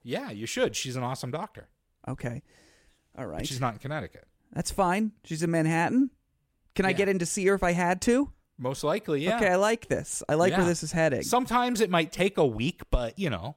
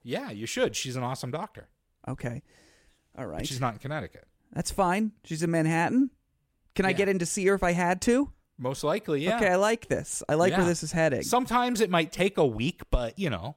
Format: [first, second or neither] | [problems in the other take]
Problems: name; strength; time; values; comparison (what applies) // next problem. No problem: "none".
neither | none